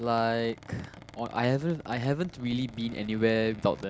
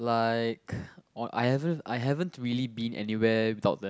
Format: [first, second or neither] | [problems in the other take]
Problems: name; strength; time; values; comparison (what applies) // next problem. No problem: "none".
second | background sound (Squeak); 19 dB below the speech